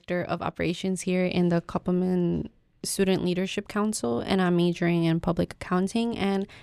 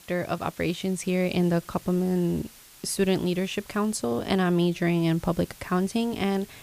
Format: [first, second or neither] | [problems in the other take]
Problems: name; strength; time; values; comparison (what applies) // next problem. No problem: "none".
first | hiss; faint; throughout; 20 dB below the speech